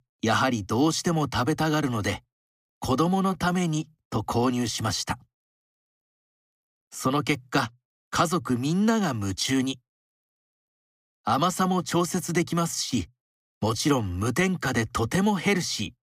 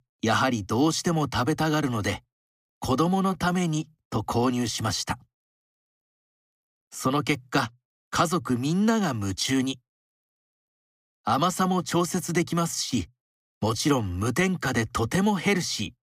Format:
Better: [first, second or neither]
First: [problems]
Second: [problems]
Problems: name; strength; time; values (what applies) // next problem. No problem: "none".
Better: neither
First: none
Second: none